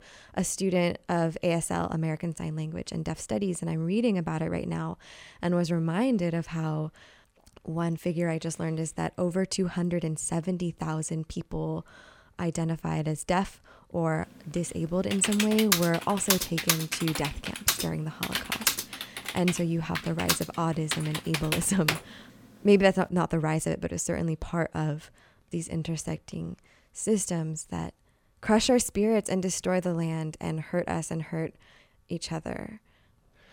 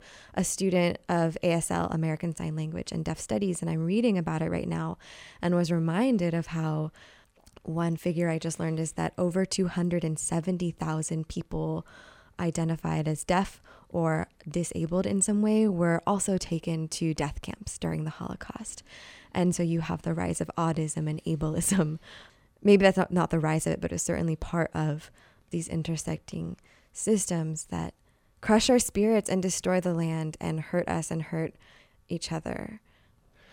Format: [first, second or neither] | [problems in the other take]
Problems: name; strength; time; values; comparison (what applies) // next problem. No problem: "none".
second | keyboard typing; loud; from 15 to 22 s; peak 4 dB above the speech